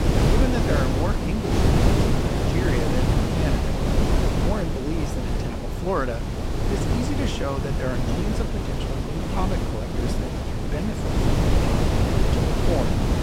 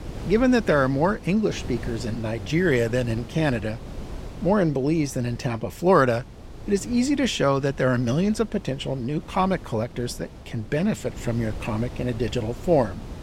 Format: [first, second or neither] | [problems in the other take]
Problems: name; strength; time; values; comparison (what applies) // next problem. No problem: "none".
second | wind noise on the microphone; heavy; 3 dB above the speech; occasional gusts in the second